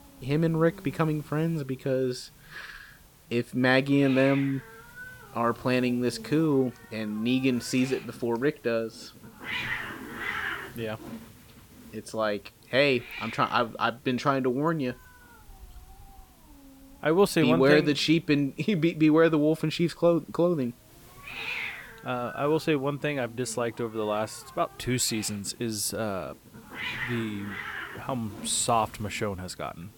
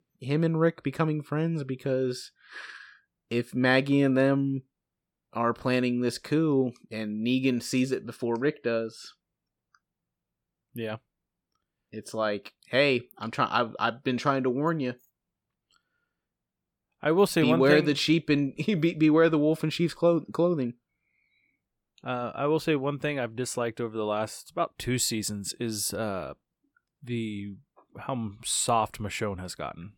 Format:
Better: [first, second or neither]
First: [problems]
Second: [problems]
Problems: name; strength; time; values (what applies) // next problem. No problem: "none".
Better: second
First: hiss; noticeable; throughout; 15 dB below the speech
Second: none